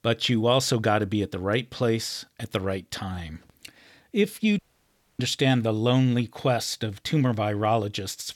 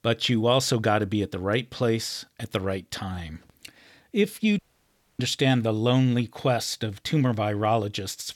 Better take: neither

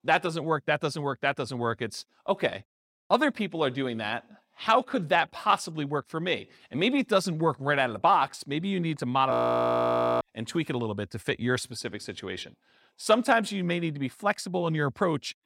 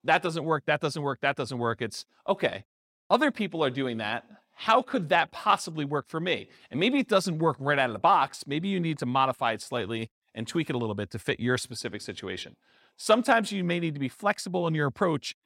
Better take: second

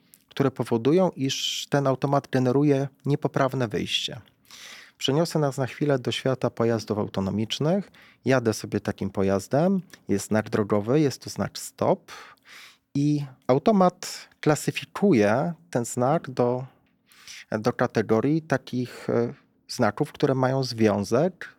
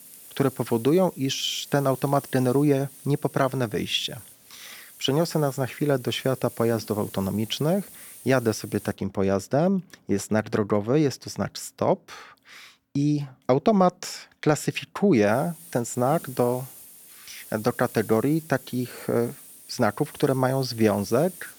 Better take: first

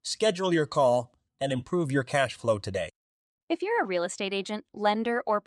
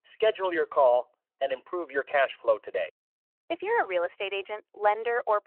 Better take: first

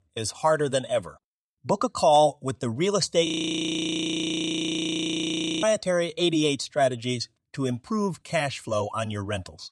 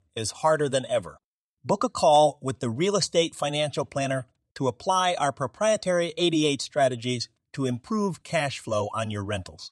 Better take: second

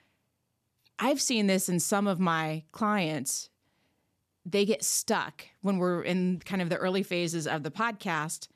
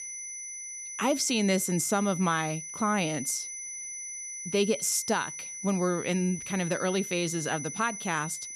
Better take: first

